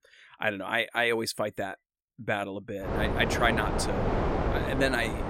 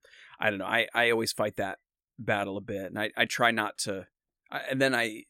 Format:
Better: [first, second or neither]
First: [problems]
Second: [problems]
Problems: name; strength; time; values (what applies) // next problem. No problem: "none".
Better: second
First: wind noise on the microphone; heavy; from 3 s on; 3 dB below the speech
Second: none